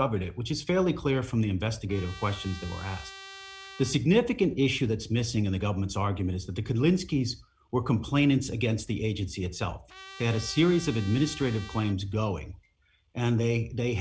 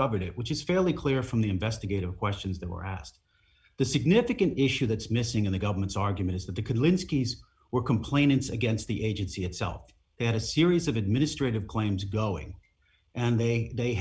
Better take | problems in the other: second | background sound (Trumpet); 18 dB below the speech

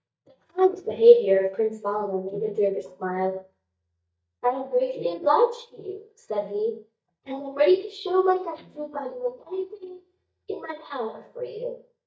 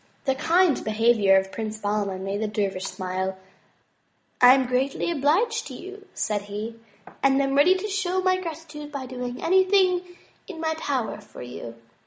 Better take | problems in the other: second | noise reduction (neural mask model DeepFilterNet 3)

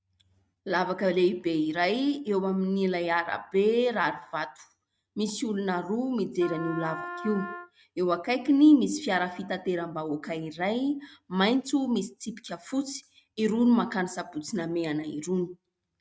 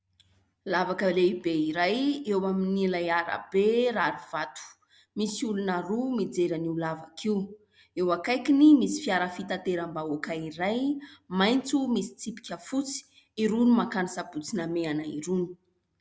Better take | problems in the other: second | noise reduction (neural mask model RNNoise)

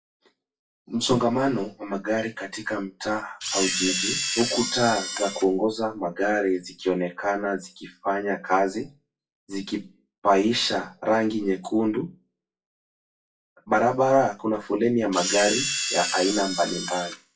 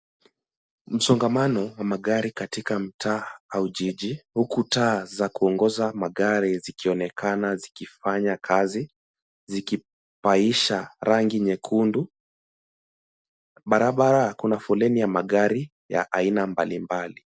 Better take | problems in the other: second | noise reduction (classical method WPE with log-MMSE)

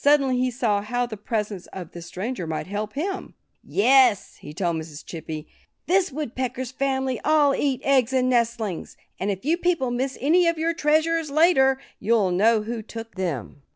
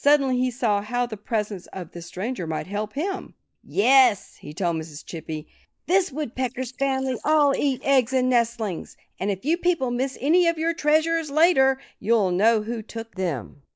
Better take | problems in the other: first | noise reduction (neural mask model Resemble Enhance denoiser)

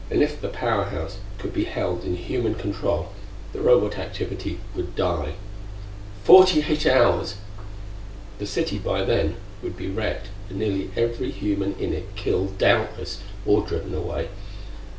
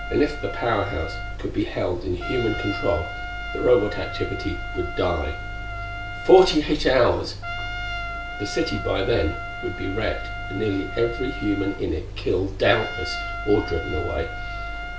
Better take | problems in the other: first | background sound (Trumpet); 10 dB below the speech

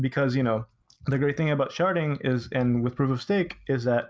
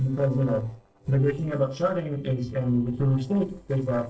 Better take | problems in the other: first | noise reduction (neural separator model SepFormer DNS4)

